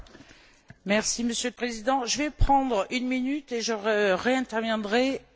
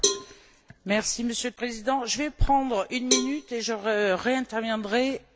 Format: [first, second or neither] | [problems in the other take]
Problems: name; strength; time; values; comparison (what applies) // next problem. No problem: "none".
first | background sound (Cowbell); 6 dB below the speech